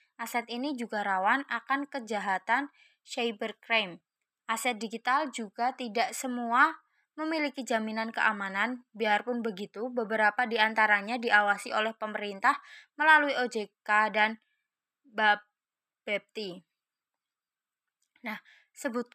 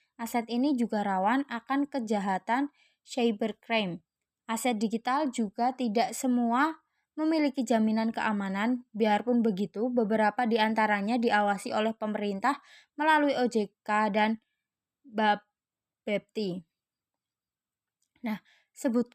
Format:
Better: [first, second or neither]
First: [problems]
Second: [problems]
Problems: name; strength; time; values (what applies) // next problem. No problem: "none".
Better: second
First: thin; somewhat; fading below 550 Hz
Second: none